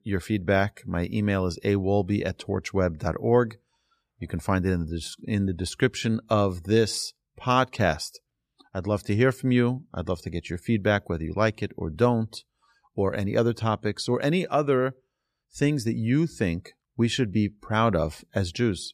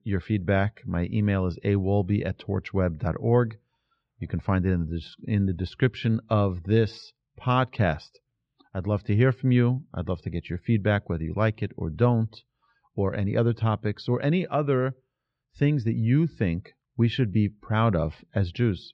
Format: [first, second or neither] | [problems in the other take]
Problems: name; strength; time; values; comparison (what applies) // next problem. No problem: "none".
first | muffled; slightly; fading above 4 kHz